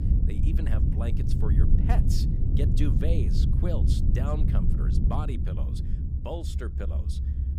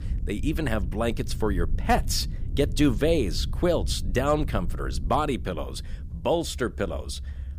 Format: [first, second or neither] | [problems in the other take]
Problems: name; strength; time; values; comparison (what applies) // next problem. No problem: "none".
second | low rumble; loud; throughout; 1 dB below the speech; faint in the second